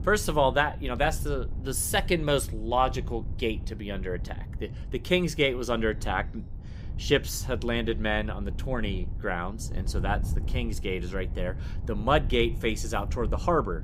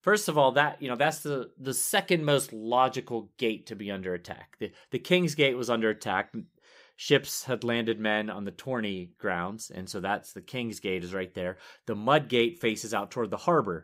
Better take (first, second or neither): second